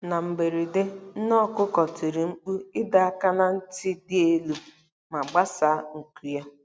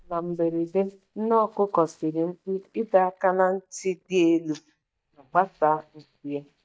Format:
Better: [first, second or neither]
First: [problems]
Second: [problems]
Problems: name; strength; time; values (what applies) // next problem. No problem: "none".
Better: first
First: none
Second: noise reduction (neural mask model DeepFilterNet 3)